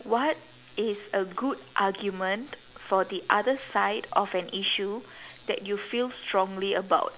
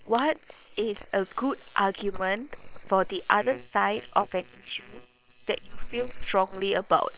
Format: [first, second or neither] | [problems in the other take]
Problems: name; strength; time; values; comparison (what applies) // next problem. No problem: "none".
first | noise reduction (neural separator model SepFormer WHAM!)